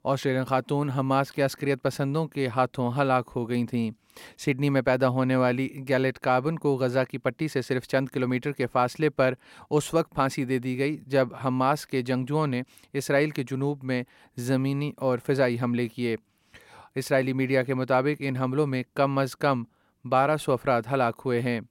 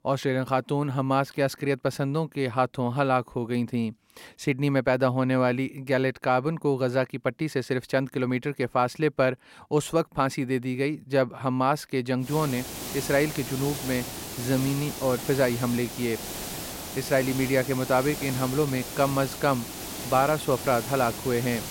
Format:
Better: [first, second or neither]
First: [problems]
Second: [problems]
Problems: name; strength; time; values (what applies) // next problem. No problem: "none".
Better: first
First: none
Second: hiss; loud; from 12 s on; 8 dB below the speech